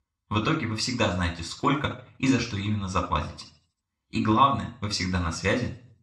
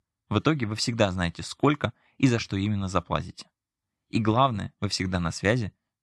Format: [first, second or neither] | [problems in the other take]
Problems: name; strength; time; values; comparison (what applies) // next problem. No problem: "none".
second | room echo; slight; dies away in 0.4 s // off-mic speech; somewhat distant